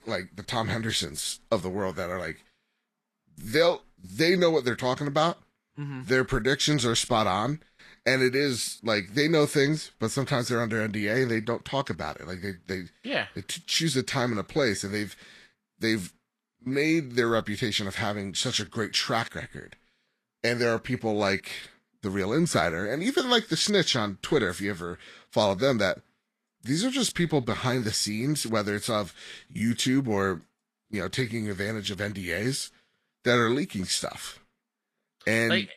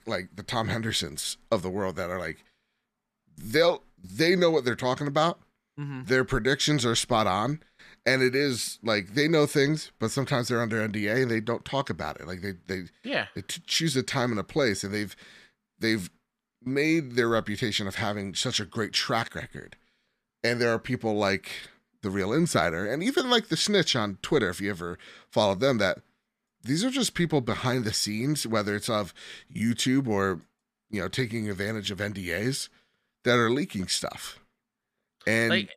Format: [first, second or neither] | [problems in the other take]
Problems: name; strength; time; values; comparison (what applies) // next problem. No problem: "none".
second | garbled, watery; slightly; nothing above 12.5 kHz